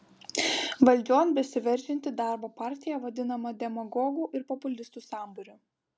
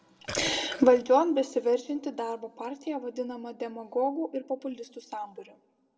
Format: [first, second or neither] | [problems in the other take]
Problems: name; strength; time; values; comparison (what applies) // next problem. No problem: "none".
first | background sound (Burping, eructation); 11 dB below the speech // room echo; dies away in 0.5 s